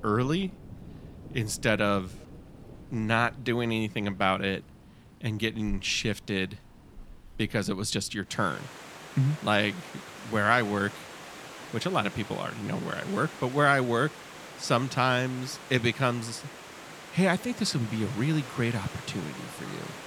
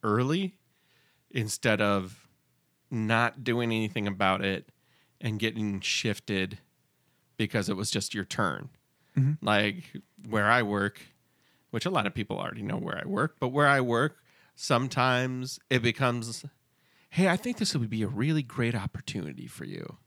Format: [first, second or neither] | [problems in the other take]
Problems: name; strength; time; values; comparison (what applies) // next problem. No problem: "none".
second | rain or running water; noticeable; throughout; 15 dB below the speech